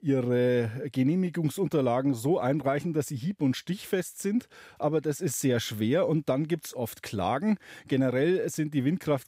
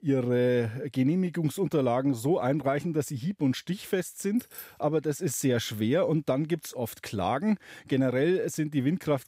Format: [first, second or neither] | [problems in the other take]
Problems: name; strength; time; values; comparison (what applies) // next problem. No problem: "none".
first | jangling keys; faint; at 4.5 s; peak 15 dB below the speech